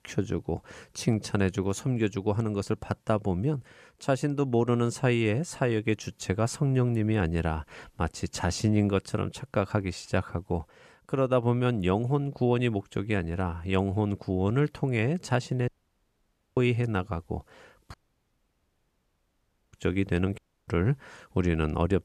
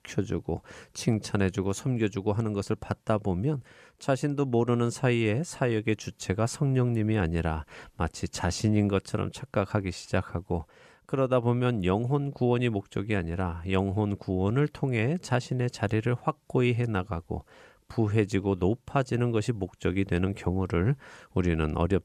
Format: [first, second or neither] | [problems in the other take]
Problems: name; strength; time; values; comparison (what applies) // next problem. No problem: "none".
second | audio cutting out; at 16 s for 1 s, at 18 s for 2 s and at 20 s